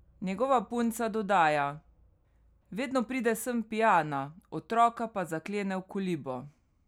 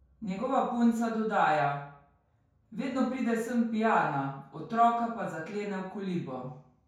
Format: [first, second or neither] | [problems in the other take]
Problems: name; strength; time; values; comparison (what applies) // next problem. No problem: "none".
first | room echo; dies away in 0.5 s